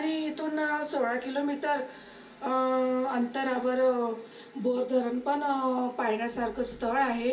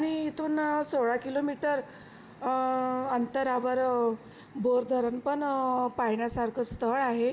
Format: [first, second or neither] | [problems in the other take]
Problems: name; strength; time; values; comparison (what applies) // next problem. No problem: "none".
second | room echo; dies away in 0.3 s